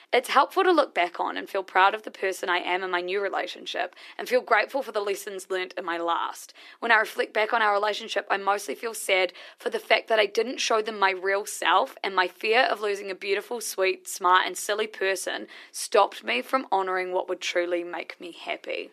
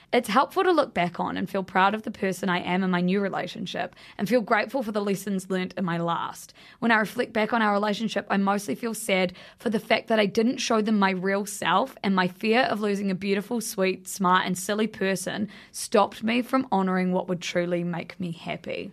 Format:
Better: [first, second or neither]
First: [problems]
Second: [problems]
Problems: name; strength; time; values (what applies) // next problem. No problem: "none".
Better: second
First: thin; very; fading below 300 Hz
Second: none